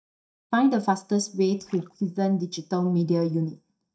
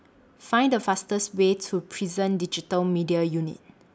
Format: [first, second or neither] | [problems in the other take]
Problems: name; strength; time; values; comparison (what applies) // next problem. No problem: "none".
second | noise reduction (neural mask model DeepFilterNet 3)